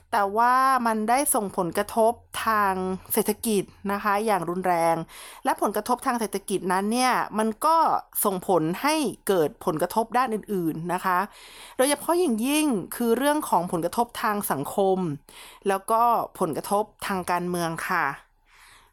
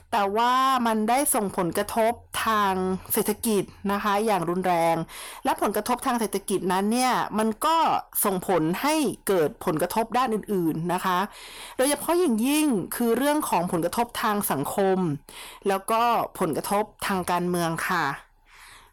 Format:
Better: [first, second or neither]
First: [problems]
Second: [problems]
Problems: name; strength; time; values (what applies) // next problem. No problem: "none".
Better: first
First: none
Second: distortion; slight; 10 dB below the speech